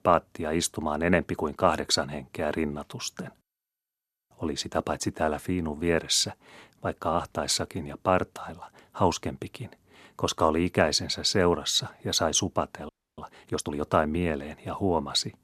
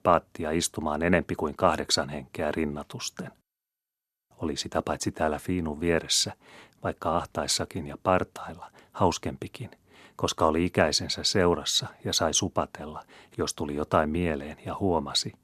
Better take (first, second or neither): second